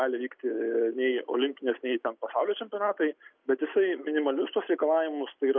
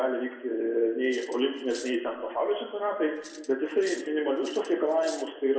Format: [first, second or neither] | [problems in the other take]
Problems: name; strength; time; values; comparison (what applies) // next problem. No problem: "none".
first | background sound (Cutlery, silverware); 20 dB below the speech // room echo; dies away in 1.1 s